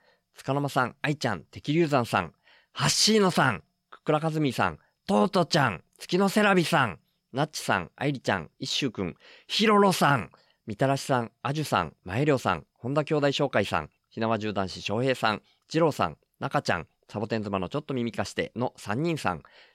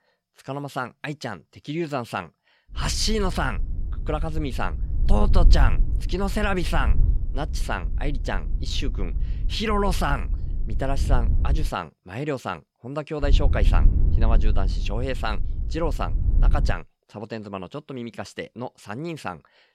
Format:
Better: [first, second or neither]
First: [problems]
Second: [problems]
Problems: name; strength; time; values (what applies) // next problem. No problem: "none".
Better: first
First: none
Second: wind noise on the microphone; occasional gusts; from 3 to 12 s and from 13 to 17 s; 15 dB below the speech